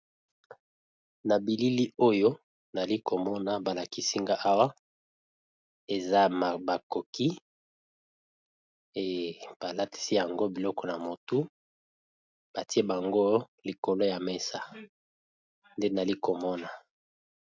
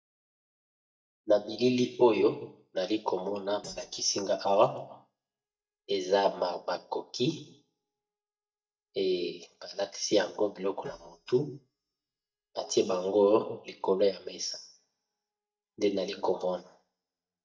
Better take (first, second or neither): first